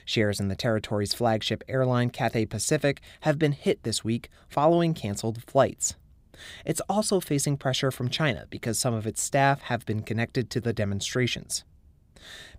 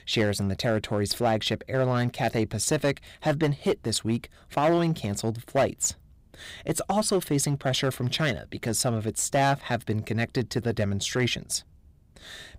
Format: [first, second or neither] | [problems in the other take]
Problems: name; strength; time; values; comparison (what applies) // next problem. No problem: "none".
first | distortion; slight; 5% of the sound clipped